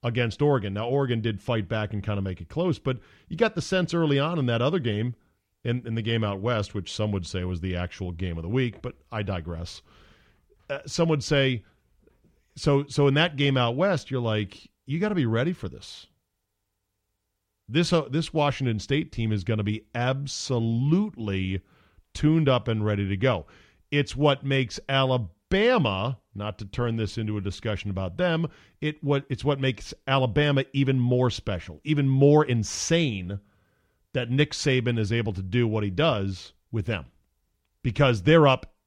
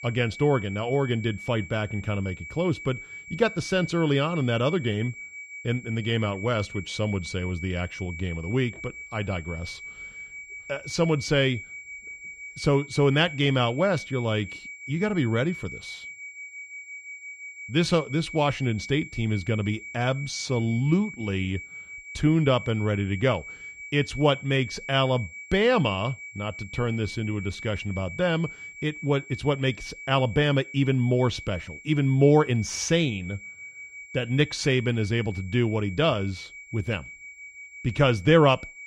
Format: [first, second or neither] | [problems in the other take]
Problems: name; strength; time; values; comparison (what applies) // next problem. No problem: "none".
first | high-pitched whine; noticeable; throughout; 2.5 kHz, 15 dB below the speech